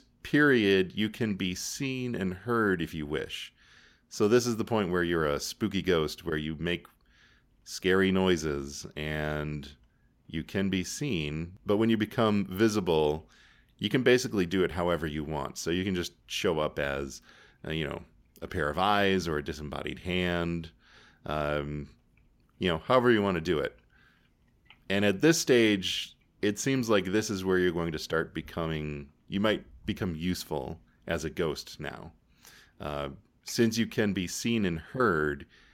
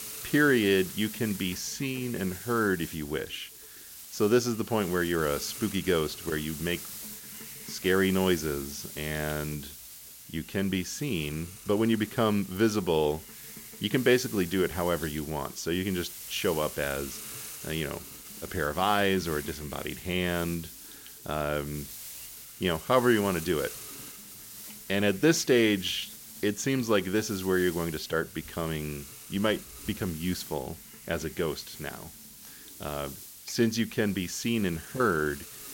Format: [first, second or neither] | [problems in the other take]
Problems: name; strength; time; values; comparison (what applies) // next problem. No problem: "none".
first | hiss; noticeable; throughout; 10 dB below the speech